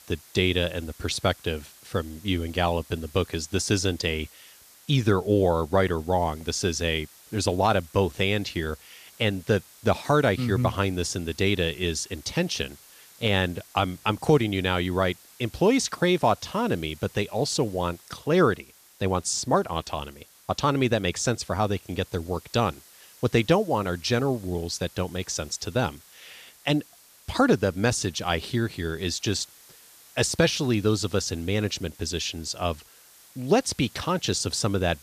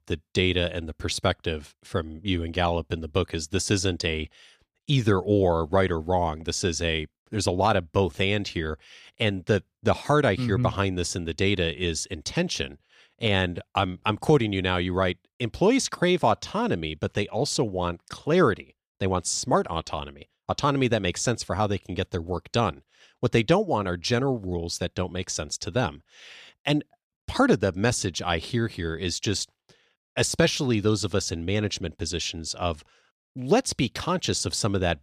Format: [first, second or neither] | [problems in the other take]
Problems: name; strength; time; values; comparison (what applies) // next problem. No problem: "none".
second | hiss; faint; throughout; 25 dB below the speech